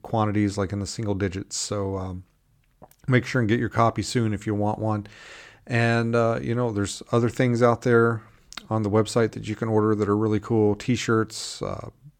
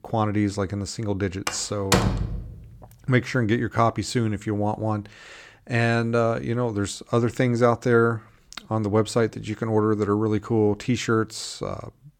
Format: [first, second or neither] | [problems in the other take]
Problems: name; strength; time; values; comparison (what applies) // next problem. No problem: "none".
first | door banging; loud; from 1.5 to 2.5 s; peak 2 dB above the speech